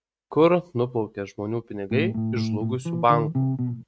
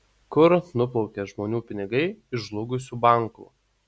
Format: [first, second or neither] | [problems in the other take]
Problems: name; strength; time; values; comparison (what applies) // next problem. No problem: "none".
second | noise reduction (neural mask model RNNoise)